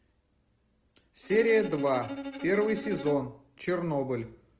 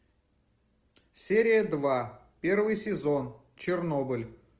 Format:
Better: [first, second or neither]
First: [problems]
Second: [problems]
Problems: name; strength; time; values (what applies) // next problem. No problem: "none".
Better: second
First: background sound (Bowed string instrument); 10 dB below the speech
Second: none